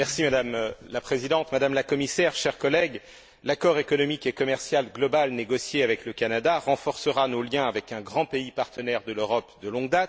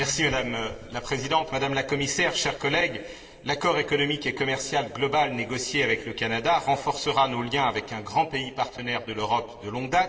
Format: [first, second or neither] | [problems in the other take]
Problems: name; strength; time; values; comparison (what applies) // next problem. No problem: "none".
first | room echo; dies away in 2.5 s